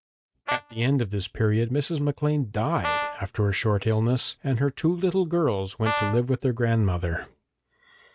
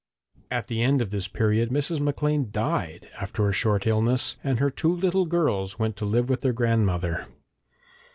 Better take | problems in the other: second | noise reduction (neural mask model RNNoise)

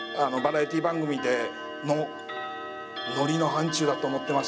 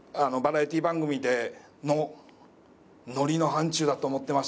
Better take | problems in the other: second | background sound (Clock); 8 dB below the speech

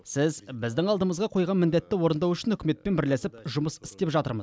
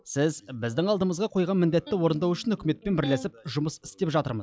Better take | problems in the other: first | noise reduction (classical method log-MMSE)

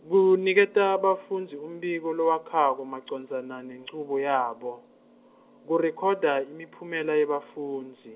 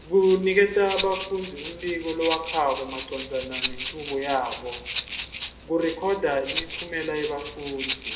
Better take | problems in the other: first | background sound (Rattle (instrument)); 9 dB below the speech // room echo; dies away in 1.1 s

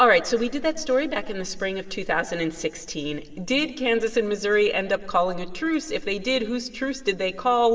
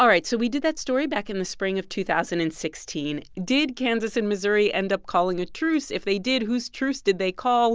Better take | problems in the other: second | room echo; dies away in 2.1 s

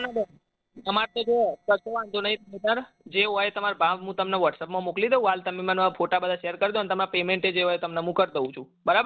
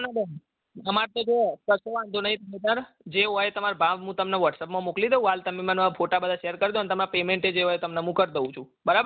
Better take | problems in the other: second | noise reduction (neural separator model SepFormer DNS4)

